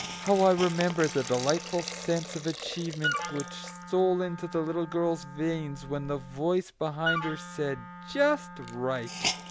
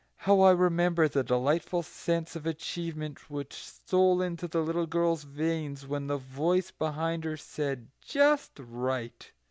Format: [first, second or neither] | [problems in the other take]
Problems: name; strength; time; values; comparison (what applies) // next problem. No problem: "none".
second | background sound (Hiss + Wind instrument, woodwind instrument); 8 dB below the speech